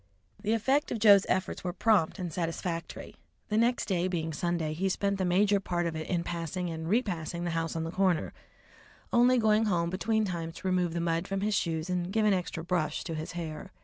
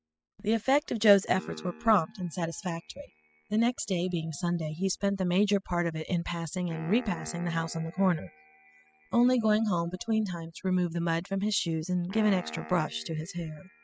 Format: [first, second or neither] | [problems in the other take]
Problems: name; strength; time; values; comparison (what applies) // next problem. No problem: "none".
first | noise reduction (classical method spectral subtraction)